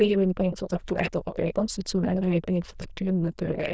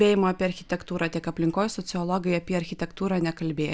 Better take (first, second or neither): second